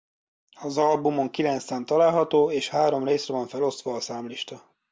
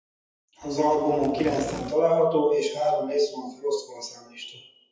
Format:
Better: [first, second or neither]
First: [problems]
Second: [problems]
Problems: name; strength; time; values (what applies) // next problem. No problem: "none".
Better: first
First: none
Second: noise reduction (classical method WPE with log-MMSE)